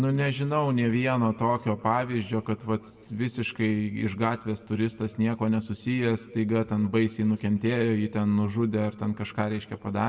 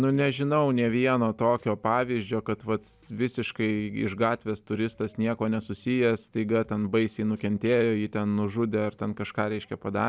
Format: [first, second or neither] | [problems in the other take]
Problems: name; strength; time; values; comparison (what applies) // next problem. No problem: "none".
second | room echo; dies away in 1.4 s